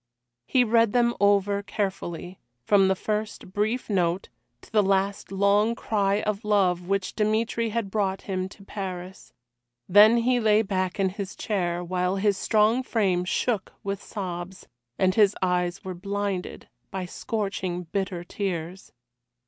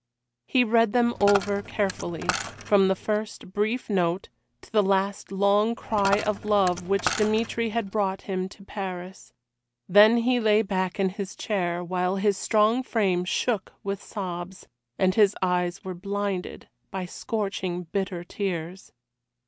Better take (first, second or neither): first